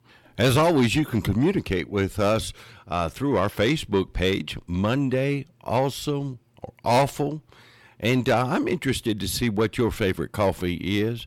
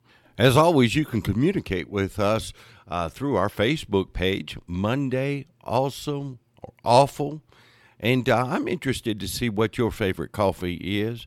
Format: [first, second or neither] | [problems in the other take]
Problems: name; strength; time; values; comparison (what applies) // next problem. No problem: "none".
second | distortion; slight; 10 dB below the speech